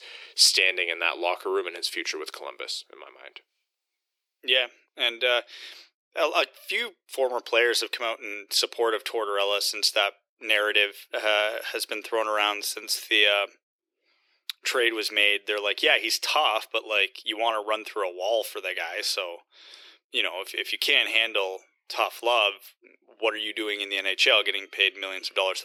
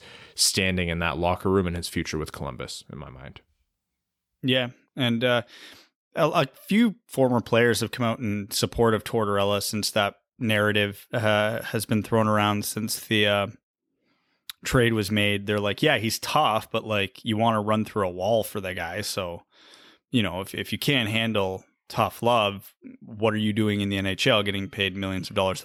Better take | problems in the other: second | thin; very; fading below 350 Hz

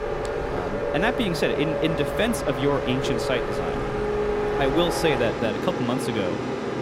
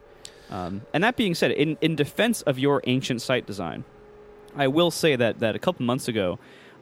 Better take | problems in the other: second | train or aircraft noise; loud; throughout; 1 dB below the speech; faint in the second

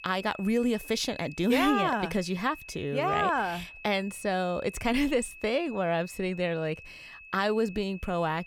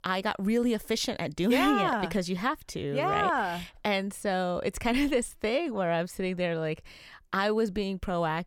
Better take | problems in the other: second | high-pitched whine; noticeable; throughout; 2.5 kHz, 15 dB below the speech

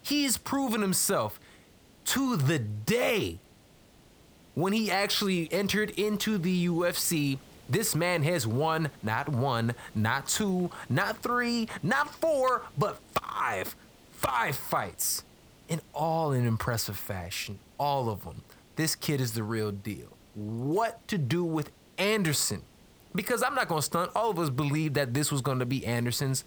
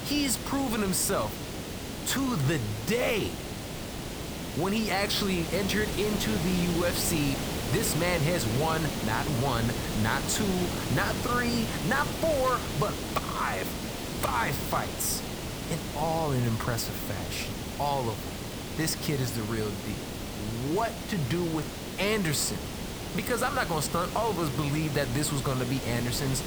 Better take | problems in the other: first | hiss; loud; throughout; 4 dB below the speech; faint in the first

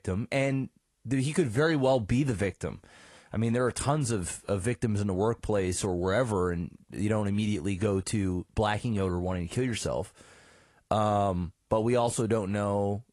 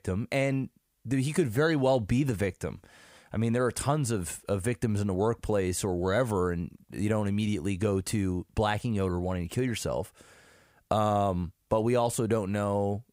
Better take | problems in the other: second | garbled, watery; slightly

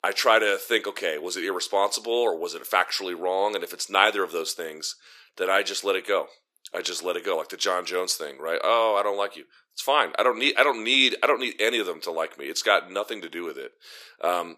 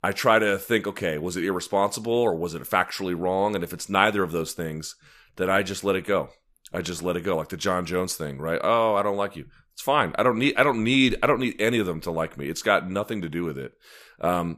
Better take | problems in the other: second | thin; somewhat; fading below 350 Hz

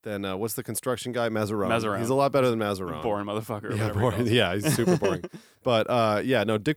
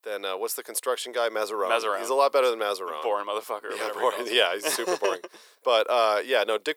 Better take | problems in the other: first | thin; very; fading below 450 Hz

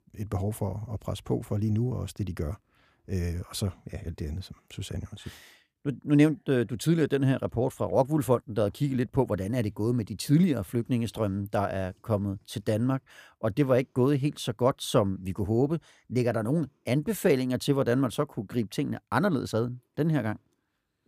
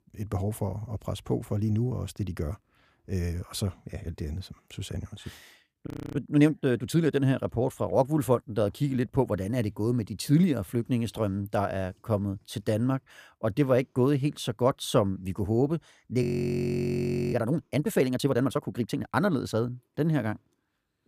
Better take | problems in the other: first | audio freezing; at 6 s and at 16 s for 1 s

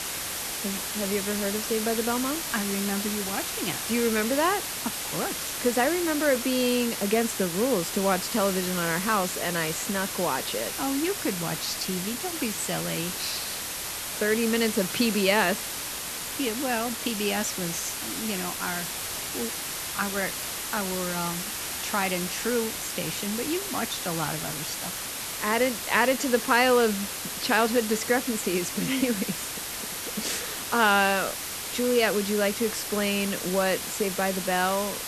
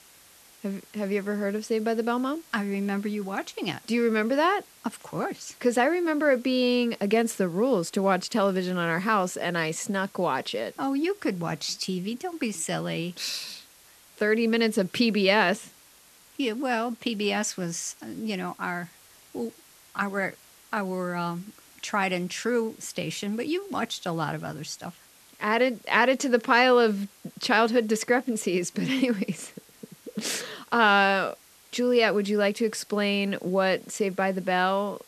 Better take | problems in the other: second | hiss; loud; throughout; 3 dB below the speech; faint in the second

